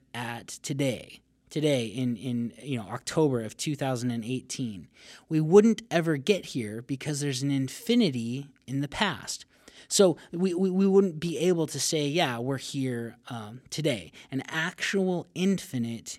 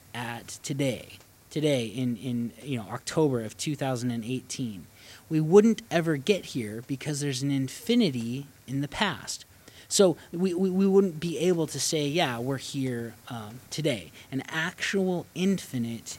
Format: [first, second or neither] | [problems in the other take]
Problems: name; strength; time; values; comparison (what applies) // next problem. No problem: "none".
first | hiss; faint; throughout; 25 dB below the speech